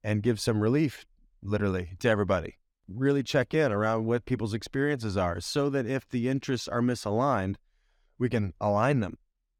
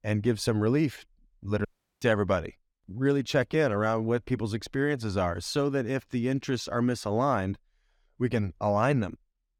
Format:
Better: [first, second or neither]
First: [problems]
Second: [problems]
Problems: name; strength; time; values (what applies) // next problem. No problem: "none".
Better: first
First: none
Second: audio cutting out; at 1.5 s